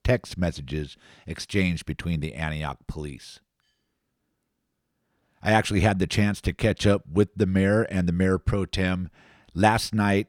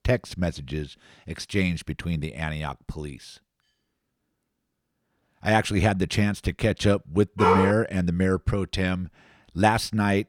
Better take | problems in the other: first | dog barking; loud; at 7.5 s; peak 4 dB above the speech

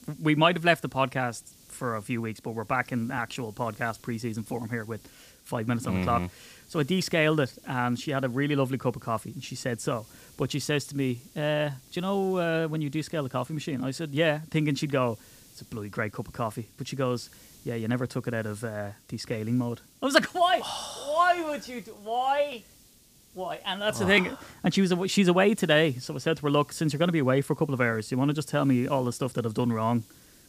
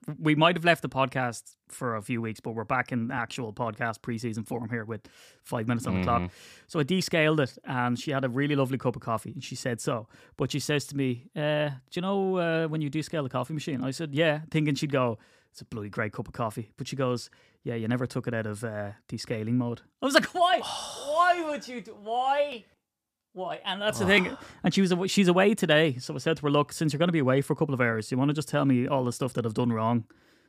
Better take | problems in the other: second | hiss; faint; throughout; 25 dB below the speech

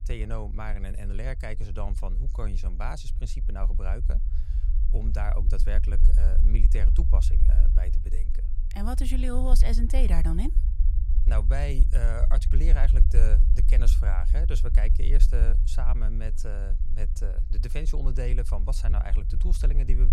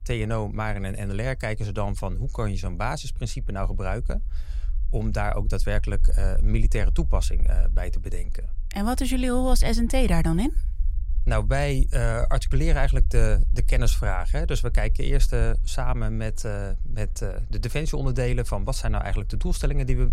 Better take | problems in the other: second | low rumble; loud; throughout; 9 dB below the speech; faint in the second

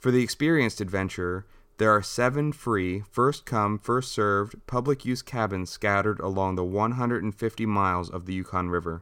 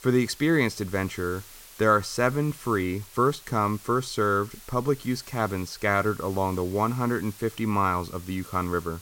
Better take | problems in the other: first | hiss; noticeable; throughout; 20 dB below the speech

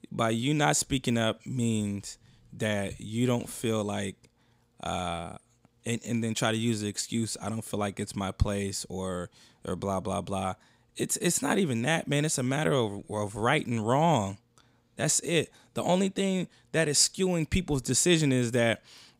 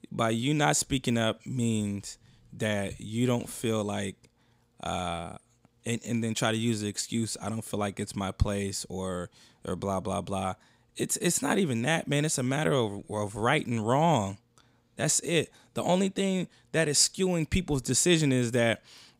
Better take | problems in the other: neither | none

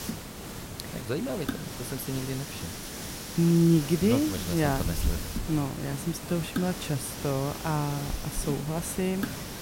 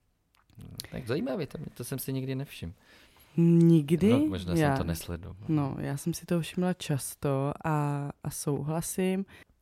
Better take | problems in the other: second | hiss; loud; throughout; 7 dB below the speech

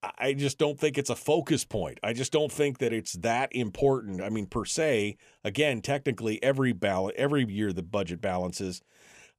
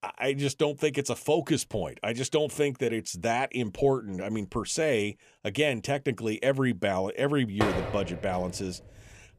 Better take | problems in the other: first | door banging; noticeable; at 7.5 s; peak 1 dB below the speech

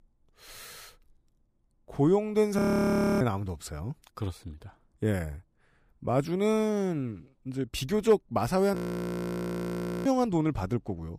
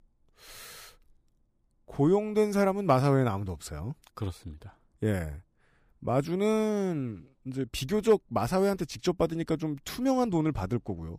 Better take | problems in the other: second | audio freezing; at 2.5 s for 0.5 s and at 9 s for 1.5 s

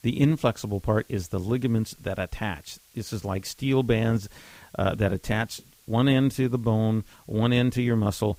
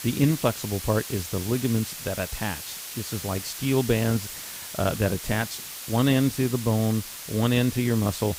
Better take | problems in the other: first | hiss; loud; throughout; 9 dB below the speech; faint in the first

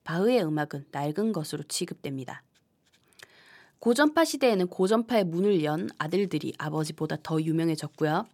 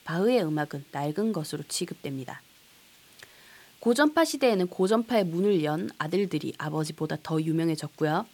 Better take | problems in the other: first | hiss; faint; throughout; 30 dB below the speech

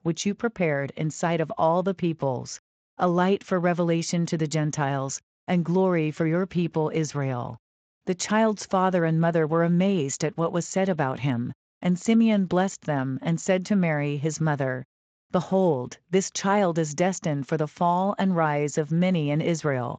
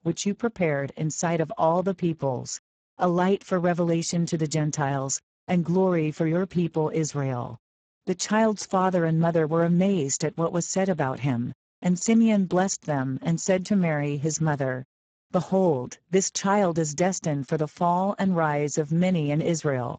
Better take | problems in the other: first | garbled, watery; badly; nothing above 7.5 kHz; slightly in the first

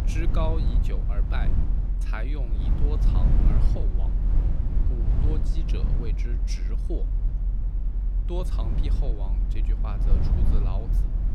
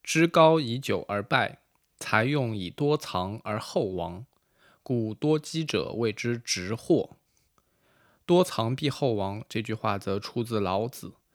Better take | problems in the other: second | low rumble; loud; throughout; 3 dB below the speech

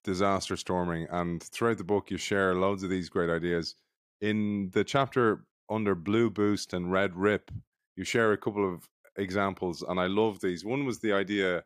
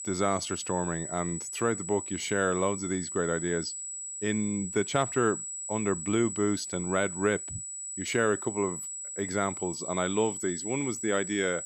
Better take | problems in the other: first | high-pitched whine; loud; throughout; 8 kHz, 5 dB below the speech

